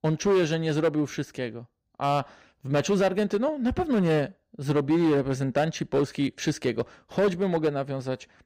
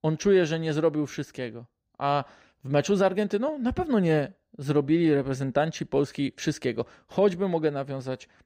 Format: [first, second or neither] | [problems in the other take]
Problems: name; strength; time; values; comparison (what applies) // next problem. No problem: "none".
second | distortion; slight; 7% of the sound clipped